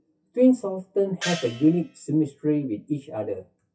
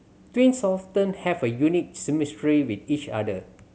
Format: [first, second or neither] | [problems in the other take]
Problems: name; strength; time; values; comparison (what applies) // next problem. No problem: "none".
second | noise reduction (classical method WPE with log-MMSE)